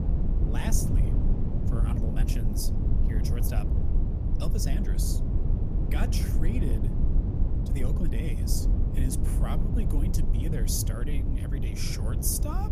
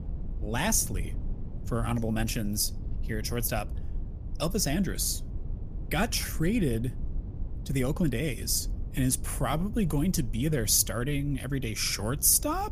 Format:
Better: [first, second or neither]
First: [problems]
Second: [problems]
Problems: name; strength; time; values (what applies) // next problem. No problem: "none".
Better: second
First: low rumble; loud; throughout; 2 dB below the speech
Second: low rumble; faint; throughout; 20 dB below the speech